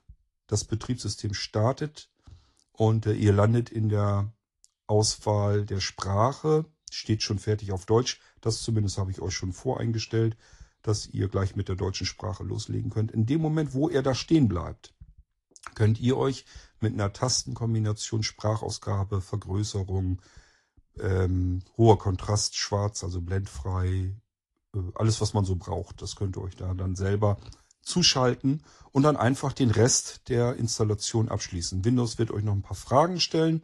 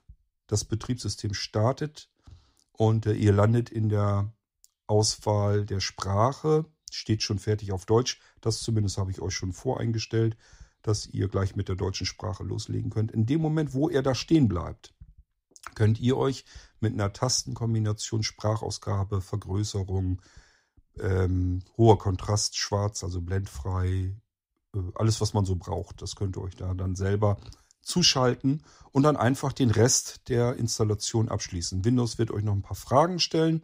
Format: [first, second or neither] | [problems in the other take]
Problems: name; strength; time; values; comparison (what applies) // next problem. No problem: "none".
second | garbled, watery; slightly